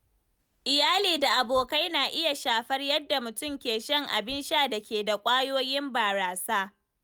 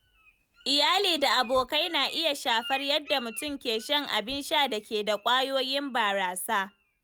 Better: first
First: none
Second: background sound (Bird); 19 dB below the speech

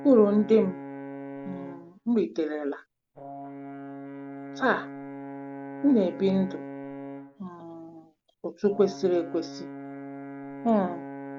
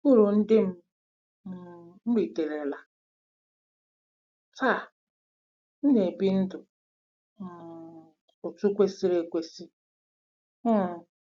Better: second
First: background sound (Brass instrument); 12 dB below the speech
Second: none

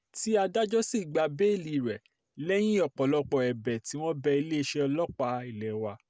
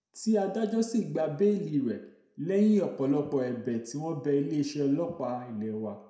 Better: first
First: none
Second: room echo; dies away in 0.6 s

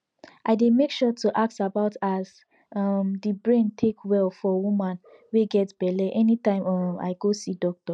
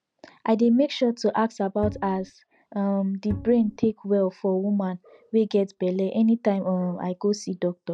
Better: first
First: none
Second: background sound (Bowed string instrument); 10 dB below the speech

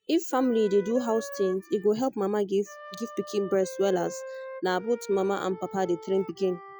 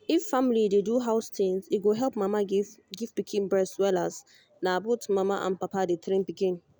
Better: second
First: noise reduction (classical method Wiener filter)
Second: none

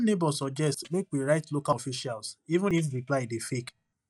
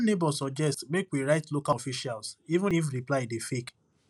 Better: second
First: noise reduction (neural mask model DeepFilterNet 3)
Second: none

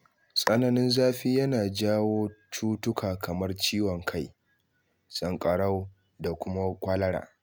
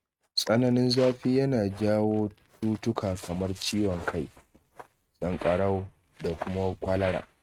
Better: first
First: none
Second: noise reduction (neural mask model RNNoise)

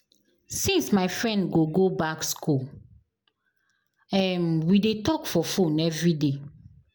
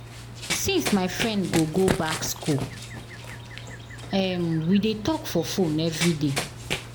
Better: first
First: none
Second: background sound (Run); 7 dB below the speech

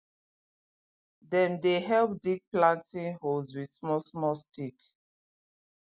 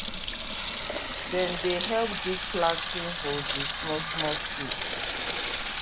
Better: first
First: none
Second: background sound (Sink (filling or washing) / Water tap, faucet); 1 dB above the speech

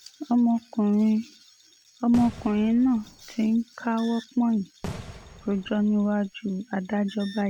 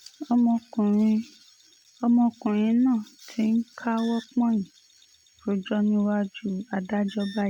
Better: second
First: background sound (Fireworks); 15 dB below the speech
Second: none

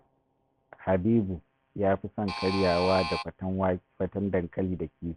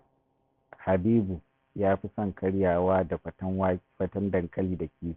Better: second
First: background sound (Alarm); 5 dB below the speech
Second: none

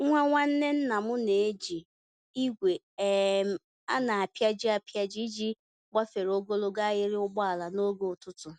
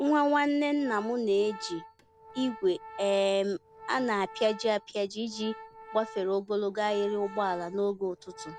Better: first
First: none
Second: background sound (Organ); 17 dB below the speech

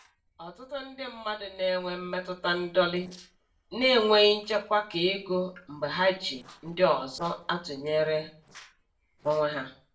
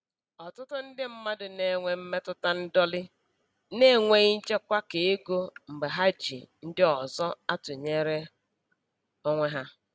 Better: second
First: noise reduction (neural separator model SepFormer DNS4)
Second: none

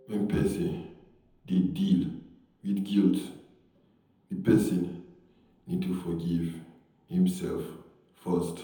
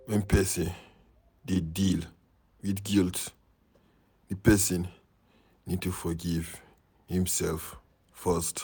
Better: second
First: room echo; dies away in 0.8 s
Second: none

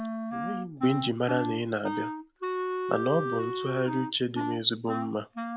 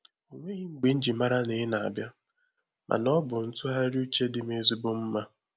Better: second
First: background sound (Wind instrument, woodwind instrument); 3 dB below the speech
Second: none

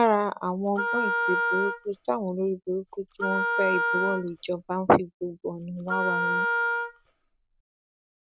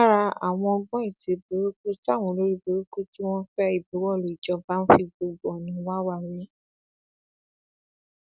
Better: second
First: background sound (Wind instrument, woodwind instrument); as loud as the speech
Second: none

